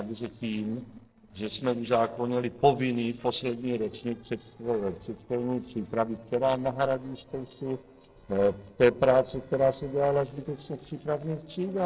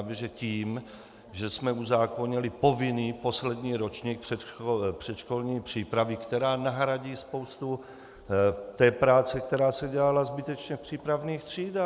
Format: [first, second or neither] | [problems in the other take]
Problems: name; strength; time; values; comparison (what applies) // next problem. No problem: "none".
second | noise reduction (neural separator model SepFormer DNS4)